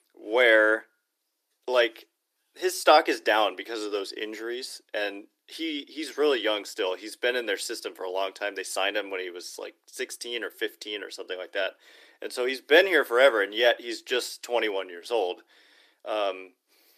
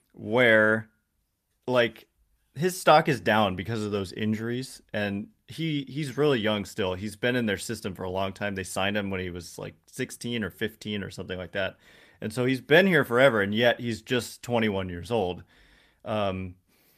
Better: second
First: thin; very; fading below 300 Hz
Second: none

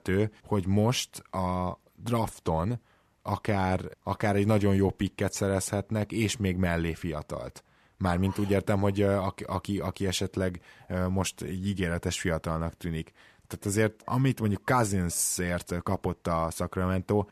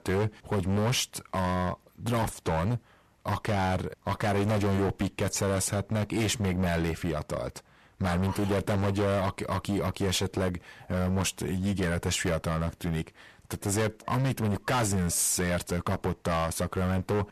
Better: first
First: none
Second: distortion; heavy; 19% of the sound clipped

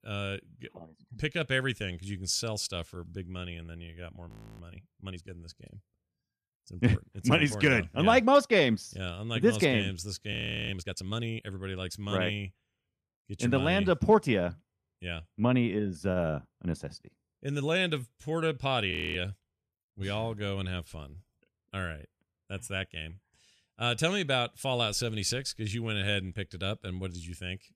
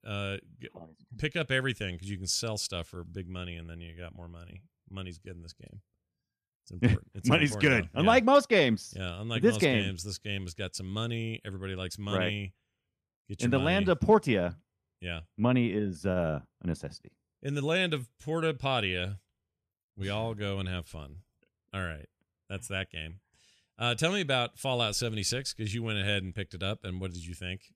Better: second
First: audio freezing; at 4.5 s, at 10 s and at 19 s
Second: none

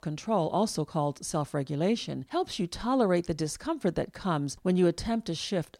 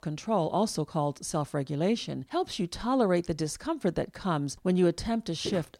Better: first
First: none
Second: footsteps; very faint; at 5.5 s; peak 10 dB below the speech

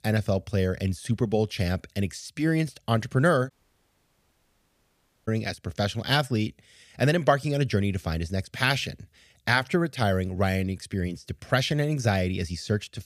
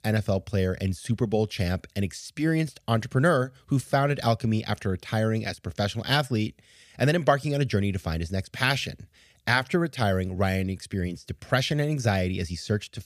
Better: second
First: audio cutting out; at 3.5 s for 2 s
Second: none

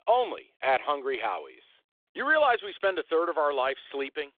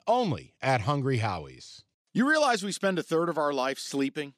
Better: second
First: phone-call audio; nothing above 3.5 kHz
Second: none

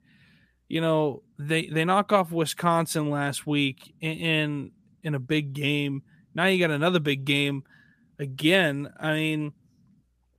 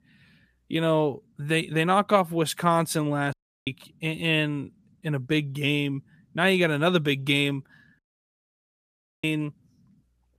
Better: first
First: none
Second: audio cutting out; at 3.5 s and at 8 s for 1 s

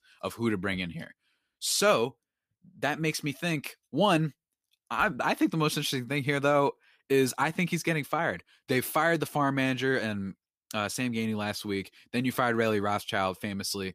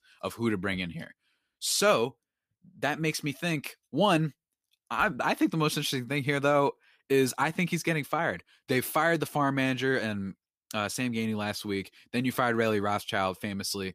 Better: neither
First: none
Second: none

